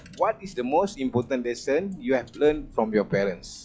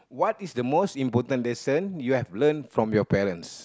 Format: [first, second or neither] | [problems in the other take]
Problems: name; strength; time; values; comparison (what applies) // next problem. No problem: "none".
second | noise reduction (classical method log-MMSE)